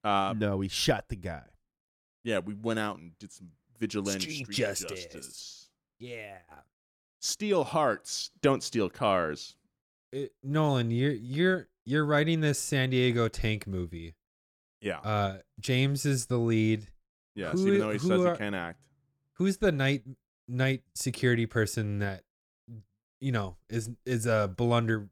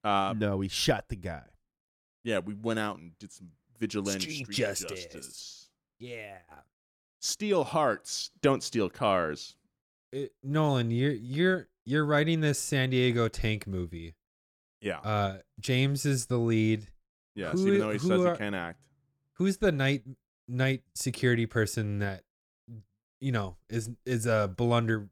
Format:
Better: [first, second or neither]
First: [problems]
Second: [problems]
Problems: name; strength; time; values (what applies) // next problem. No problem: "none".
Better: neither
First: none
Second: none